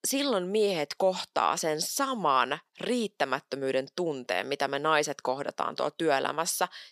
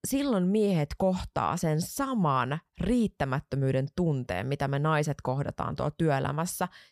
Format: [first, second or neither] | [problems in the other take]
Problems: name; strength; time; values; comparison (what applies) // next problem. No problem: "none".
second | thin; somewhat; fading below 300 Hz